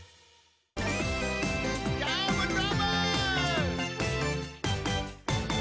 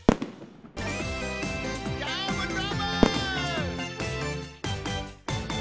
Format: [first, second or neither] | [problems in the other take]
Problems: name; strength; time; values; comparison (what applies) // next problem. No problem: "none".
first | background sound (Fireworks); 1 dB below the speech